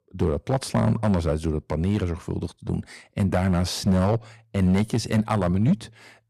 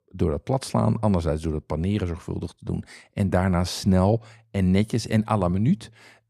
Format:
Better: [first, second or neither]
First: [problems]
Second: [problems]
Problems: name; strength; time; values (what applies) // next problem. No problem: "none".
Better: second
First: distortion; slight; 4% of the sound clipped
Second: none